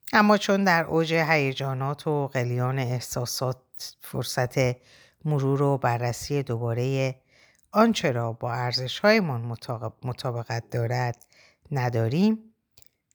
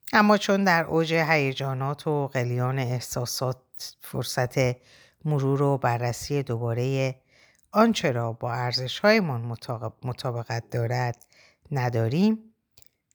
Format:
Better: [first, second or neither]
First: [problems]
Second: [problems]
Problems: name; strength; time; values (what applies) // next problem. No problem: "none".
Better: neither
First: none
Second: none